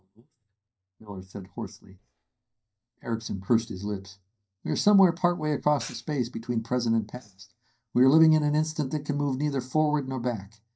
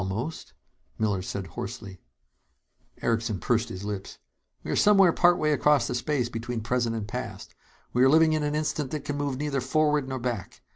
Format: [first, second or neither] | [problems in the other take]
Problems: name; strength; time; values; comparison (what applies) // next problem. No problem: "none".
second | noise reduction (neural mask model DeepFilterNet 3)